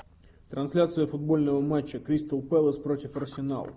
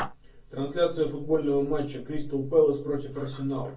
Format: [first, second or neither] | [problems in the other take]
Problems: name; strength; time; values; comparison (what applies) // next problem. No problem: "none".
first | room echo; dies away in 0.2 s